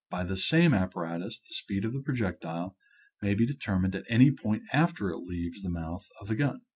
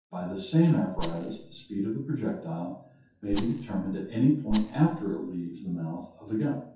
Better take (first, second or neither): first